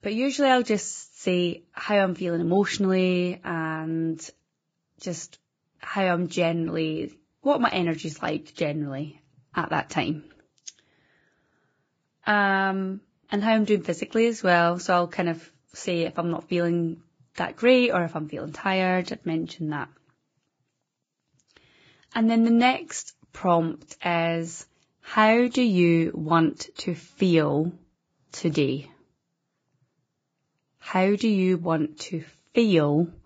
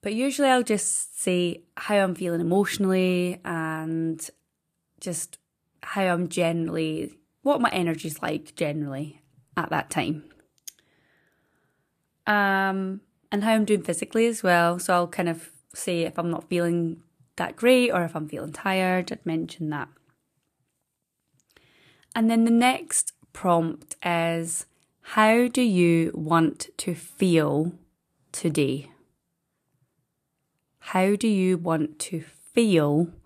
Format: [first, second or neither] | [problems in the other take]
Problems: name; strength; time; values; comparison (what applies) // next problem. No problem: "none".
second | garbled, watery; badly; nothing above 7.5 kHz